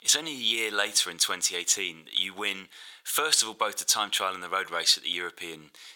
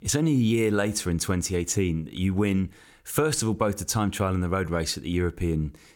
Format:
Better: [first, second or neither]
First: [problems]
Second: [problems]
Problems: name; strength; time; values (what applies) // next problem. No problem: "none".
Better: second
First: thin; very; fading below 900 Hz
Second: none